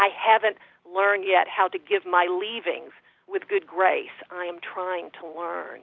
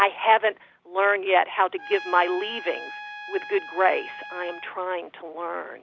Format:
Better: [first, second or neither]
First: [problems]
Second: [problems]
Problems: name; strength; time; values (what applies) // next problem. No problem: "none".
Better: first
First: none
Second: background sound (Trumpet); 14 dB below the speech